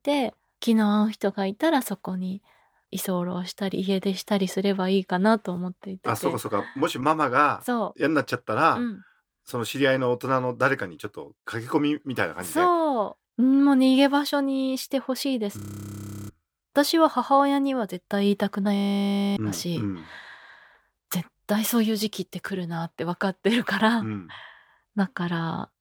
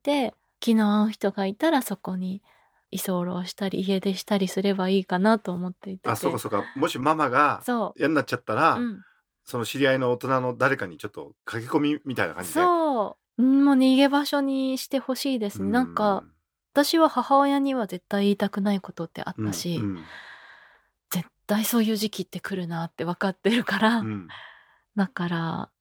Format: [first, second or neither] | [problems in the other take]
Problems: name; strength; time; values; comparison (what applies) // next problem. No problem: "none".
second | audio freezing; at 16 s for 0.5 s and at 19 s for 0.5 s